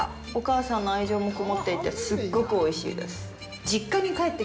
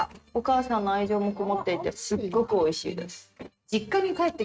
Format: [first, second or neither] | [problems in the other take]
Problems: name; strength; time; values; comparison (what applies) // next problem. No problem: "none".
first | noise reduction (neural mask model RNNoise)